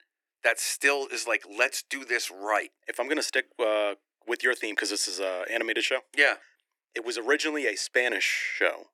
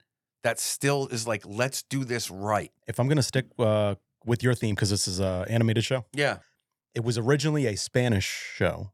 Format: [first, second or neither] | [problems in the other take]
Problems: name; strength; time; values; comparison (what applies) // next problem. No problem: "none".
second | thin; very; fading below 300 Hz